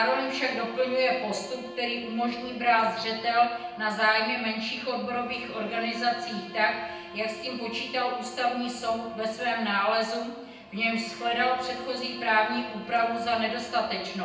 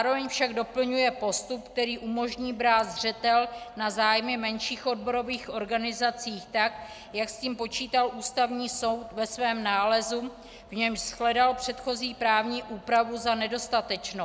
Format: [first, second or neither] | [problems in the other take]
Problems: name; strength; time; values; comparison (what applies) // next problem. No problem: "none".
second | background sound (Bowed string instrument); 17 dB below the speech // room echo; dies away in 0.9 s